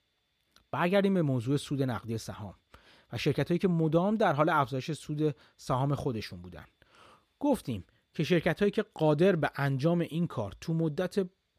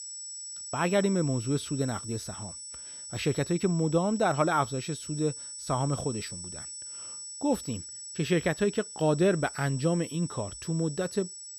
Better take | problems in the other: first | high-pitched whine; loud; throughout; 8 kHz, 10 dB below the speech

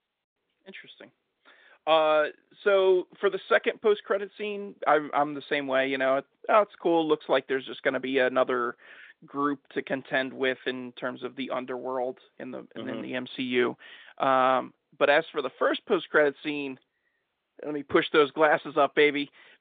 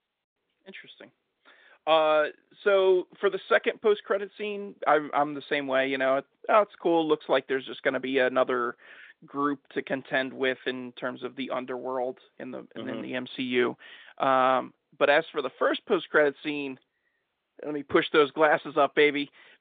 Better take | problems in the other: neither | phone-call audio; nothing above 3.5 kHz; the same in both

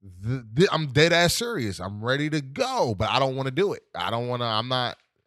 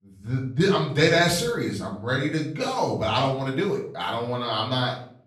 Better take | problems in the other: first | off-mic speech; far // room echo; slight; dies away in 0.5 s

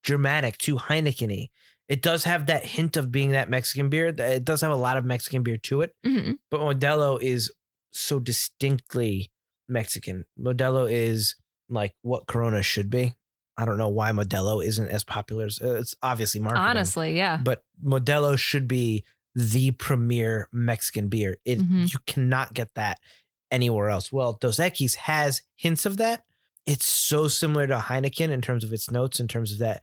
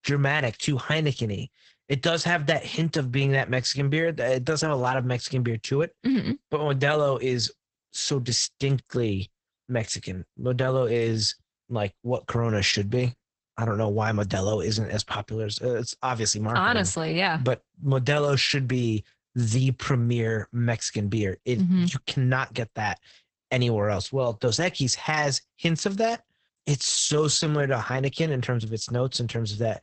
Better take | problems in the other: first | garbled, watery; badly; nothing above 8 kHz; slightly in the first

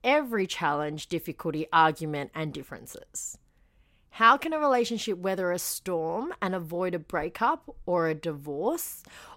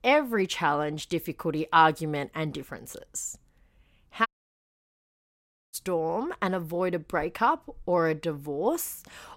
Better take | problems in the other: first | audio cutting out; at 4.5 s for 1.5 s

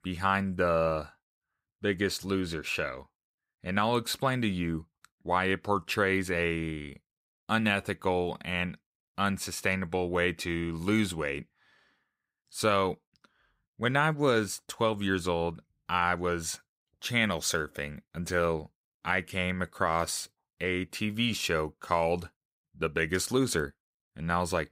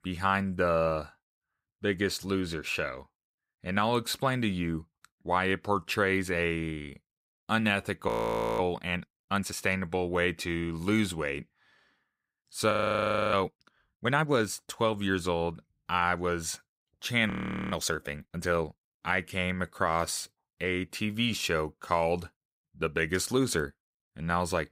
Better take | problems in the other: first | audio freezing; at 8 s for 0.5 s, at 13 s for 0.5 s and at 17 s

